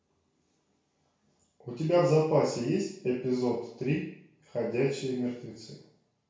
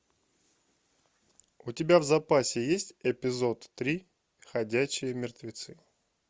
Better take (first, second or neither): second